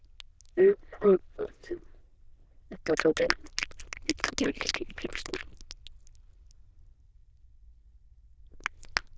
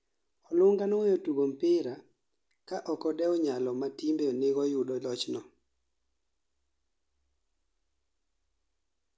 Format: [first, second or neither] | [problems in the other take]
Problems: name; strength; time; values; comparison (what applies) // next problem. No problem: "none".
second | noise reduction (neural diffusion model UNIVERSE++)